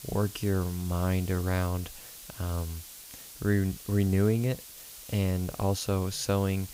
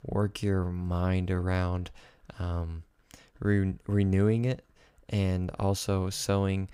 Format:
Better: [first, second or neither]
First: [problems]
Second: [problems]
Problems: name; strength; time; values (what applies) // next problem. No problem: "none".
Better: second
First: hiss; noticeable; throughout; 15 dB below the speech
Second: none